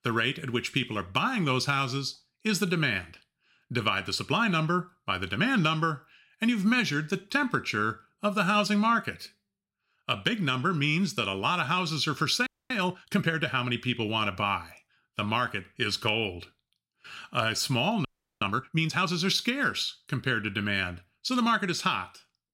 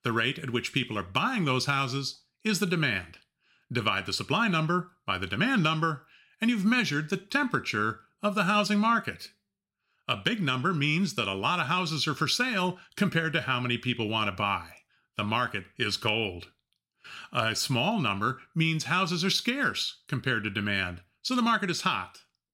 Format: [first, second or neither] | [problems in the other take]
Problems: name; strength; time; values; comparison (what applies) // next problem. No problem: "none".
second | audio freezing; at 12 s and at 18 s